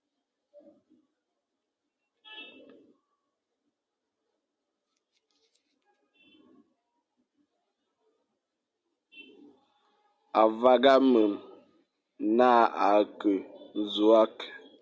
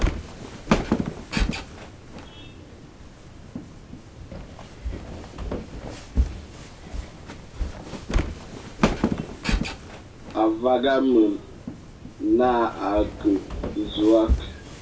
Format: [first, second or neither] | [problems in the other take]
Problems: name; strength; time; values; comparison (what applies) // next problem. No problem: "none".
first | background sound (Walk, footsteps); 2 dB below the speech // room echo; dies away in 0.2 s